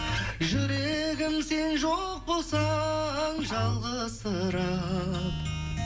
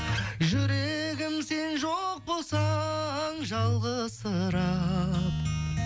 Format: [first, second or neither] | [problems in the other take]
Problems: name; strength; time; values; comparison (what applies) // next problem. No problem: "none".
second | background sound (Motor vehicle (road)); 16 dB below the speech // room echo; dies away in 0.6 s